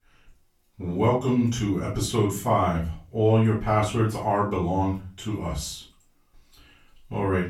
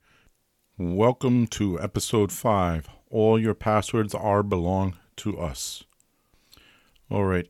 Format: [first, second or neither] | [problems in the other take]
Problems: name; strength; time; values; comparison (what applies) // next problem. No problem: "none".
second | off-mic speech; far // room echo; slight; dies away in 0.3 s